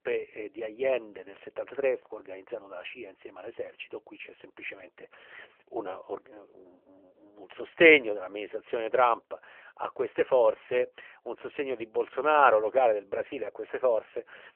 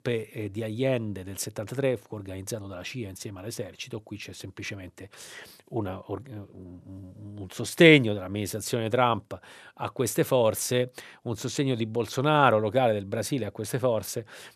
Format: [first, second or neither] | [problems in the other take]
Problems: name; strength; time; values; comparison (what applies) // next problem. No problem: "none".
second | phone-call audio; poor line; nothing above 3 kHz